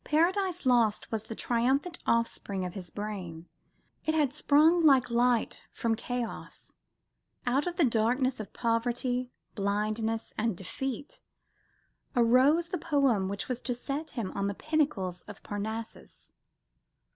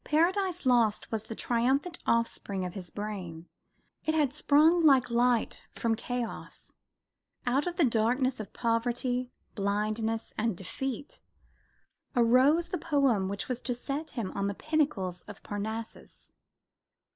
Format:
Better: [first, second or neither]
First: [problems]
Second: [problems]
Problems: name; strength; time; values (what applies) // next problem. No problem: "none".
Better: first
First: none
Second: noise reduction (neural mask model Resemble Enhance denoiser)